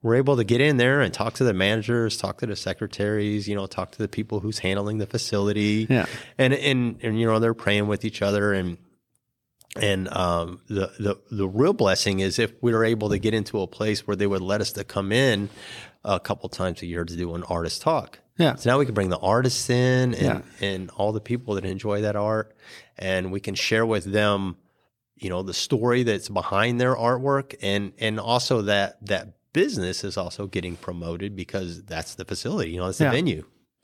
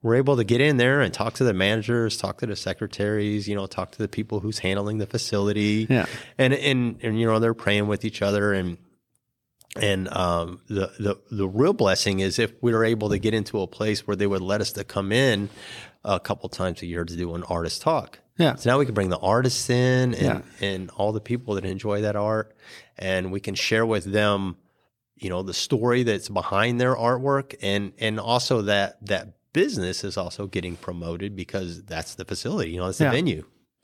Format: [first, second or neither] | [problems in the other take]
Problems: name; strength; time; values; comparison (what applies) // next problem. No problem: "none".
neither | none